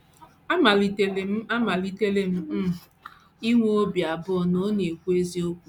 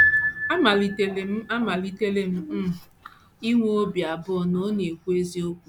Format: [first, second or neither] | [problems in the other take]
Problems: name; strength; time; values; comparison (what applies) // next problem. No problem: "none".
first | background sound (Piano); 5 dB below the speech